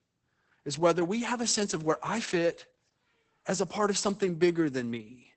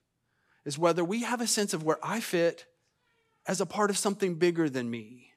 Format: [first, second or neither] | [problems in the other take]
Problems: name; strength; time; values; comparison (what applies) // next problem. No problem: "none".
second | garbled, watery; badly; nothing above 8 kHz